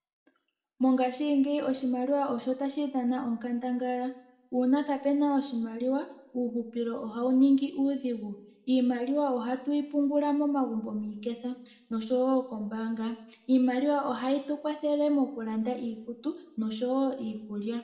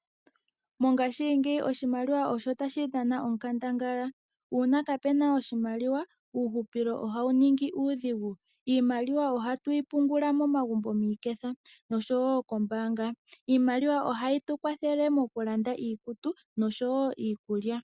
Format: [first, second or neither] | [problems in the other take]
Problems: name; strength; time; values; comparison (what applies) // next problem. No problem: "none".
second | room echo; dies away in 0.6 s